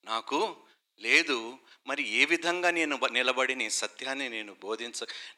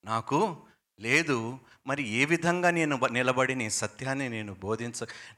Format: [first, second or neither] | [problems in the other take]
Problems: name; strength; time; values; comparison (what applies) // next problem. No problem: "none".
second | thin; very slightly; fading below 300 Hz